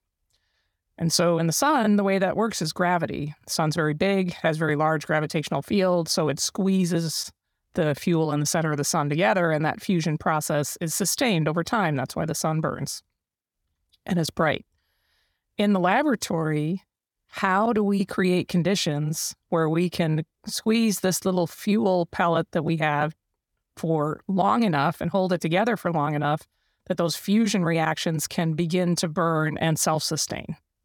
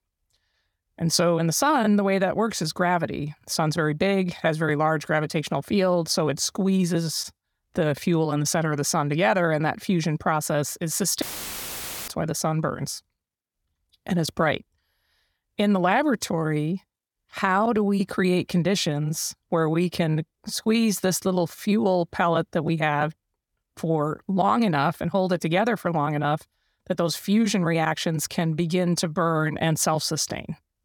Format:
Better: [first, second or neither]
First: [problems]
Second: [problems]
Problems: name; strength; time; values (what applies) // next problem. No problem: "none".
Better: first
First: none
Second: audio cutting out; filled with static; at 11 s for 1 s